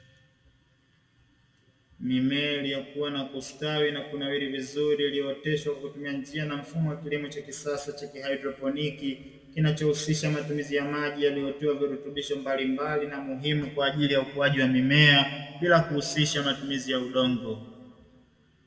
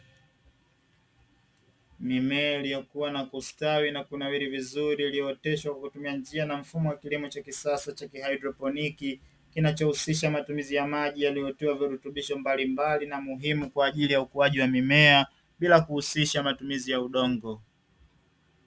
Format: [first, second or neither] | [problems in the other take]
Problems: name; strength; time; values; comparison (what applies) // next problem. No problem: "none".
second | room echo; dies away in 1.2 s